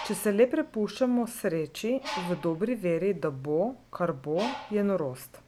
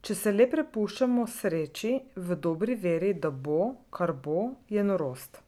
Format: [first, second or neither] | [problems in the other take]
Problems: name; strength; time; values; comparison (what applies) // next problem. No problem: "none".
second | background sound (Bird); 15 dB below the speech